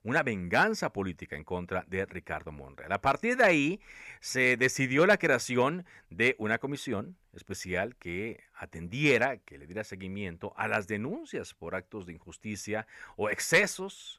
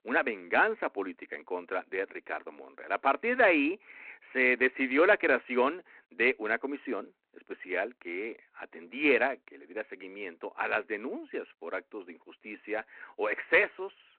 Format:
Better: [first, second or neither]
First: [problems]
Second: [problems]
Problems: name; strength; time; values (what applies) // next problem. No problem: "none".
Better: first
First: none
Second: phone-call audio; nothing above 3.5 kHz